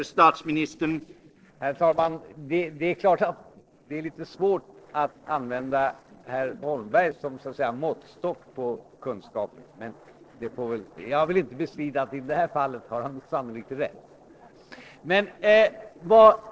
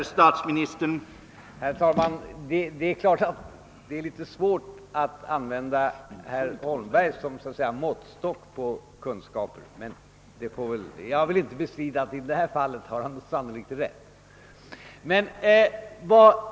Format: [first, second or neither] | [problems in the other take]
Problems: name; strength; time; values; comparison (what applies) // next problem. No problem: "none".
second | noise reduction (neural separator model SepFormer DNS4)